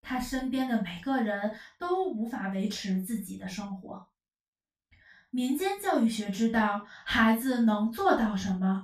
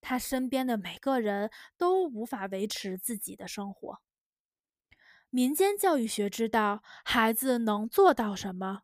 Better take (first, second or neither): second